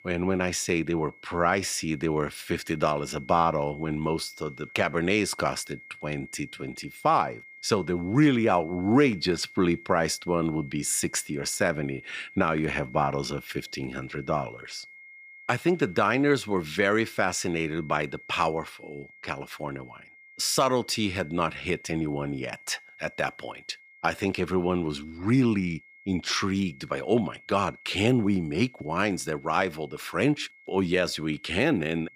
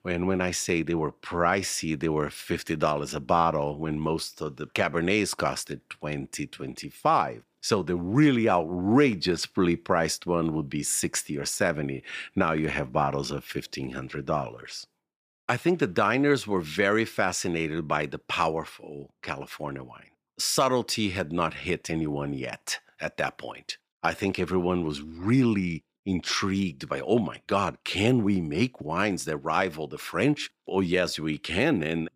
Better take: second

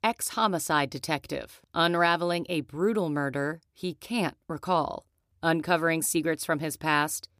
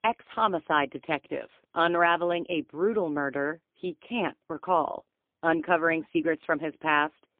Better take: first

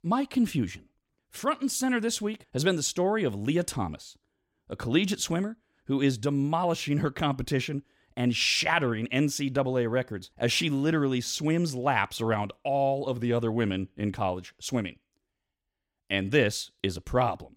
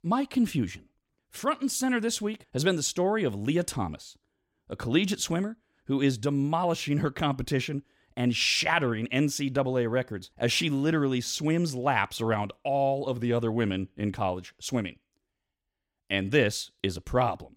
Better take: neither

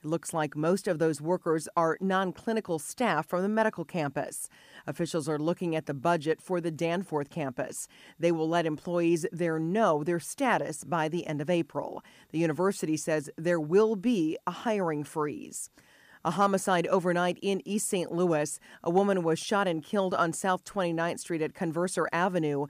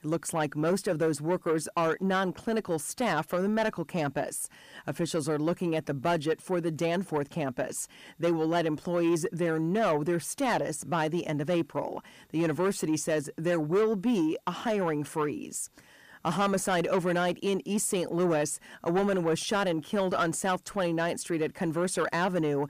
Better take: first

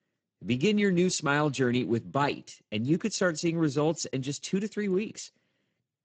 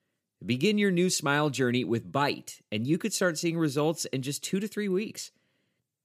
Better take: second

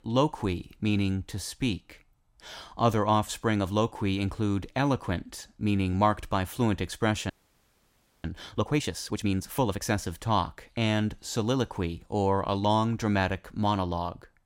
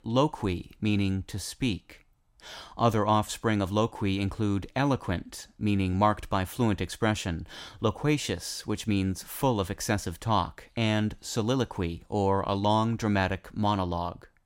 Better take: second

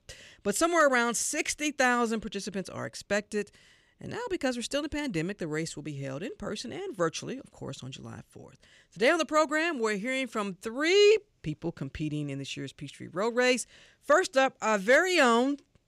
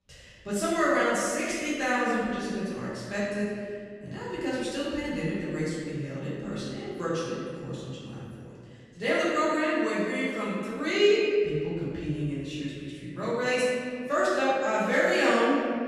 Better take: first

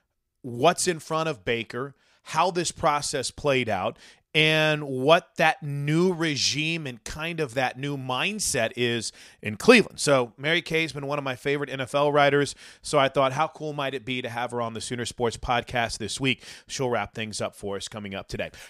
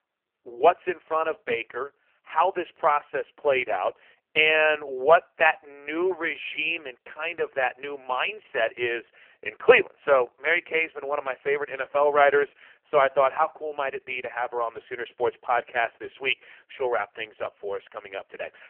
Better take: first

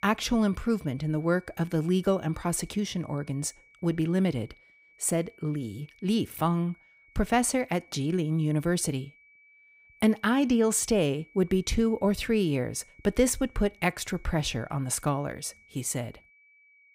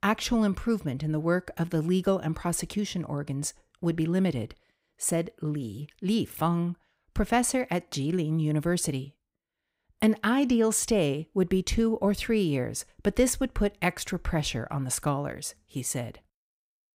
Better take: second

